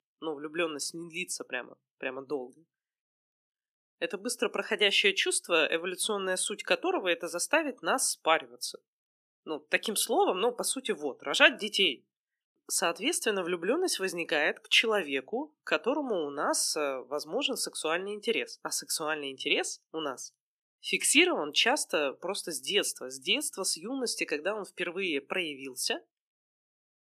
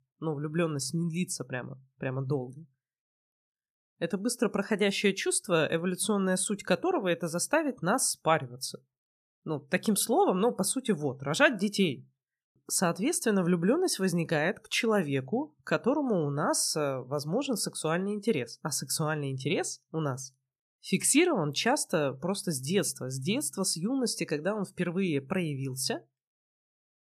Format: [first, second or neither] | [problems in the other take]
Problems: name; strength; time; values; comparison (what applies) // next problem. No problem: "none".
second | thin; somewhat; fading below 300 Hz